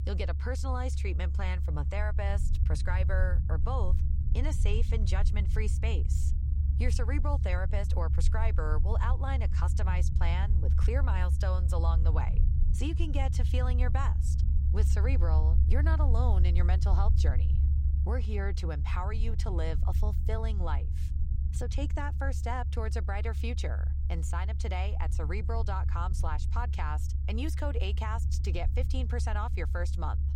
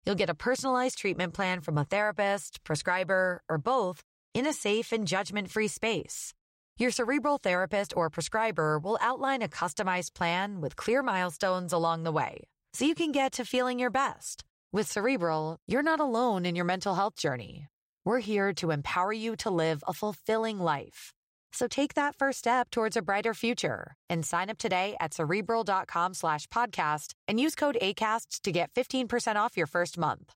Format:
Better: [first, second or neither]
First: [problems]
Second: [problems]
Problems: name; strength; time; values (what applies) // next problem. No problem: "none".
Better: second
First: low rumble; loud; throughout; 9 dB below the speech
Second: none